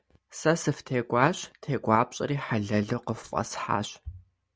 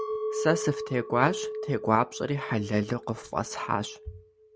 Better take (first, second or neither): first